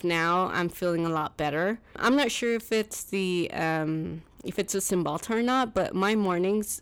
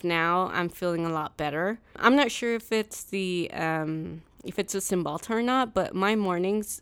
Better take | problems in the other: second | distortion; slight; 10 dB below the speech

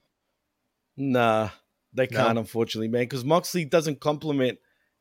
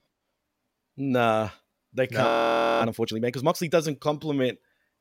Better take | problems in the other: first | audio freezing; at 2.5 s for 0.5 s

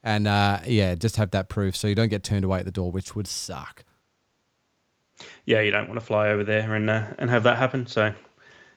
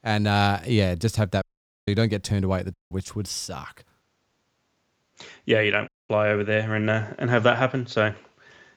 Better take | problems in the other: first | audio cutting out; at 1.5 s, at 2.5 s and at 6 s

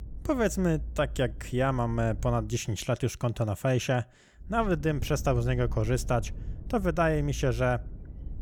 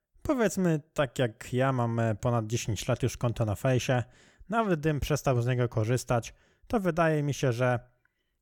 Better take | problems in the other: second | low rumble; faint; until 2.5 s and from 4.5 s on; 25 dB below the speech

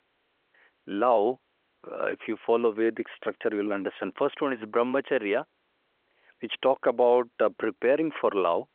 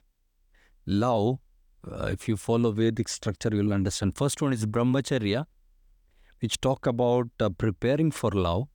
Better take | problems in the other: second | phone-call audio

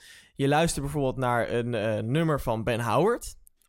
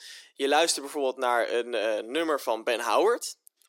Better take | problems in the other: first | thin; somewhat; fading below 300 Hz

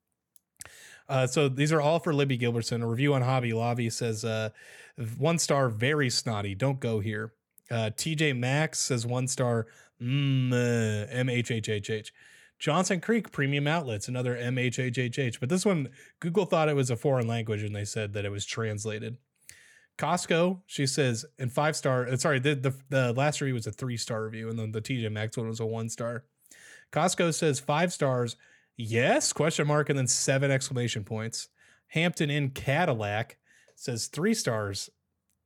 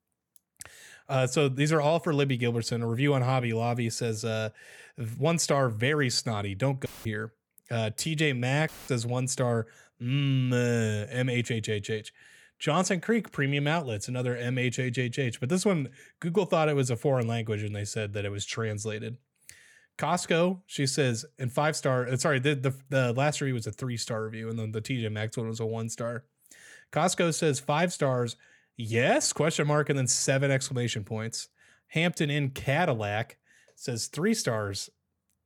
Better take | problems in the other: first | audio cutting out; filled with static; at 7 s and at 8.5 s

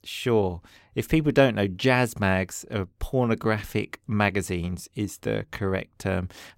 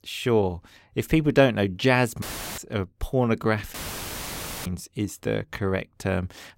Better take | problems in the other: first | audio cutting out; filled with static; at 2 s and at 3.5 s for 1 s

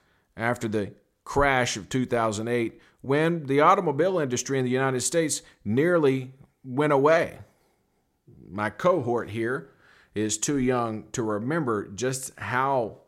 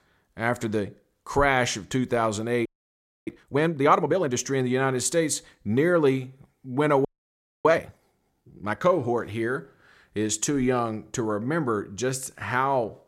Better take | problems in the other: first | audio freezing; at 2.5 s for 0.5 s and at 7 s for 0.5 s

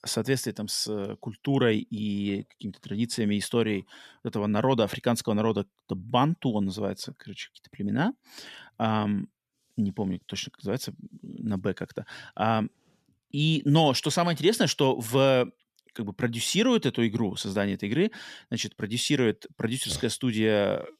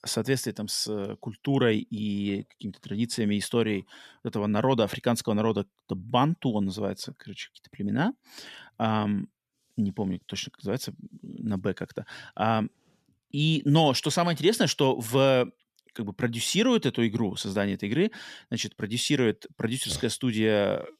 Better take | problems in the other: neither | none

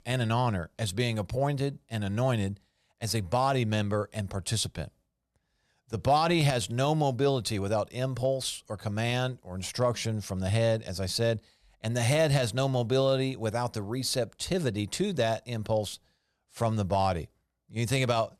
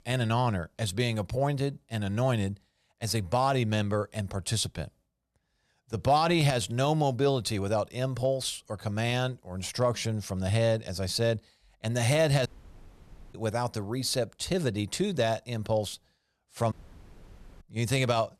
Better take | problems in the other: first | audio cutting out; at 12 s for 1 s and at 17 s for 1 s

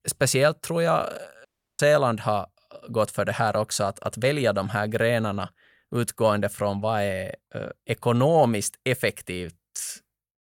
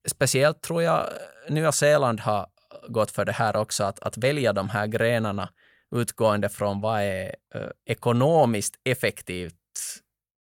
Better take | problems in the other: second | audio cutting out; at 1.5 s

